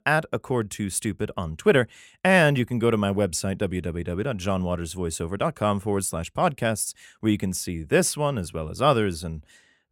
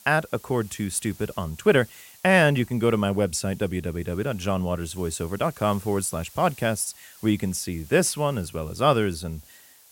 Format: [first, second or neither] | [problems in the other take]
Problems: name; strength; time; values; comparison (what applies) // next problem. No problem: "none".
first | hiss; faint; throughout; 20 dB below the speech